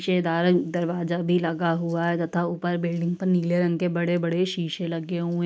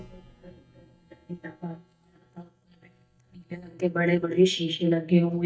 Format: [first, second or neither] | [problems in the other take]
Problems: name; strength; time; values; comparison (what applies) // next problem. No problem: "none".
first | noise reduction (neural mask model DeepFilterNet 3)